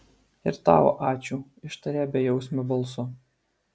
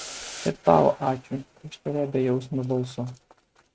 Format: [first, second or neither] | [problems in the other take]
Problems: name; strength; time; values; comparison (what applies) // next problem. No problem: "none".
first | noise reduction (neural mask model RNNoise)